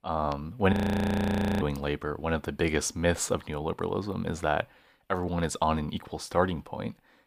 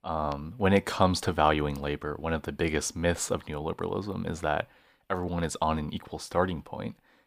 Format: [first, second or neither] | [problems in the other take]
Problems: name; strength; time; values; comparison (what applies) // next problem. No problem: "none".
second | audio freezing; at 0.5 s for 1 s